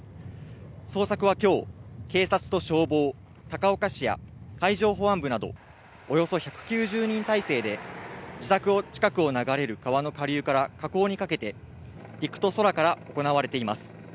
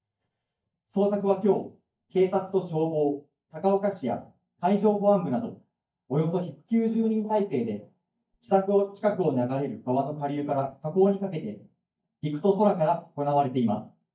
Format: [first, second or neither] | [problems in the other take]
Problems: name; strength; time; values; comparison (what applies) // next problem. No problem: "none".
first | noise reduction (neural mask model DeepFilterNet 3)